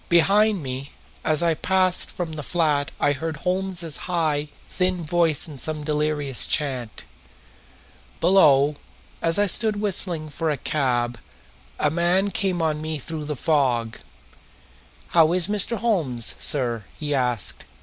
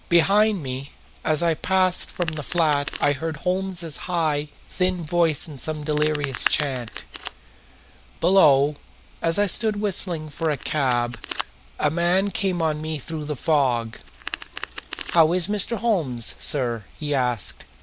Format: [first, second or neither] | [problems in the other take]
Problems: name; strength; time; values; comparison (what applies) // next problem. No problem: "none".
first | background sound (Domestic sounds, home sounds); 16 dB below the speech